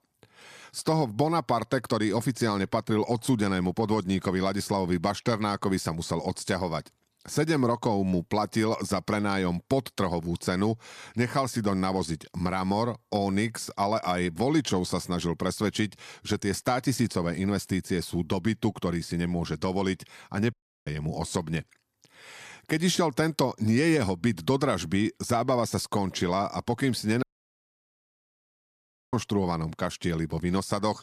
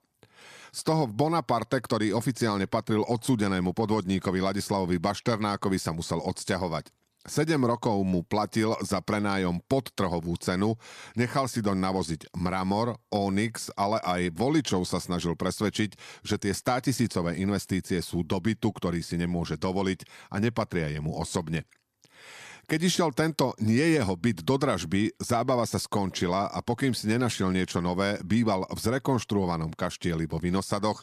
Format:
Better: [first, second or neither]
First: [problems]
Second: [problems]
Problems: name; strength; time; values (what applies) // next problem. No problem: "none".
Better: second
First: audio cutting out; at 21 s and at 27 s for 2 s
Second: none